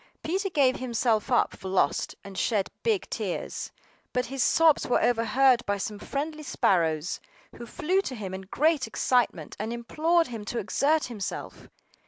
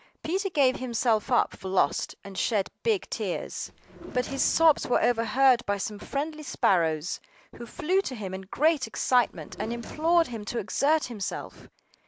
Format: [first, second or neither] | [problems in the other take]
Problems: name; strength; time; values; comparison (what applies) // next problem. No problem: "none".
first | background sound (Drawer open or close); 16 dB below the speech